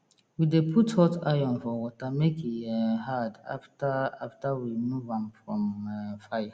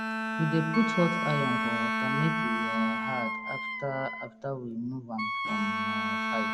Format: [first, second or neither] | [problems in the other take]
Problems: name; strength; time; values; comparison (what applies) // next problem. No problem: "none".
first | background sound (Bowed string instrument + Wind instrument, woodwind instrument); 1 dB above the speech